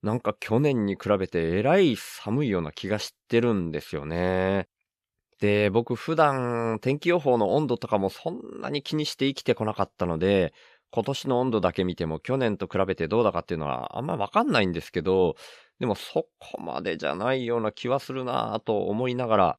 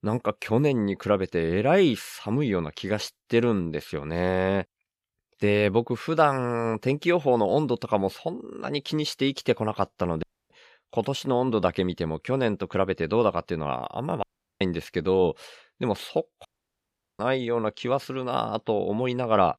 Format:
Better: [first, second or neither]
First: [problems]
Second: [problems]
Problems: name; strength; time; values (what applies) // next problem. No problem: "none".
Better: first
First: none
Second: audio cutting out; at 10 s, at 14 s and at 16 s for 0.5 s